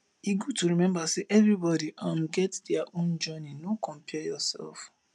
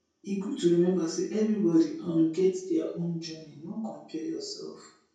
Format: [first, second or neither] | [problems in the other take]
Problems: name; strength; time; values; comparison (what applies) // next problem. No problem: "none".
first | room echo; dies away in 0.6 s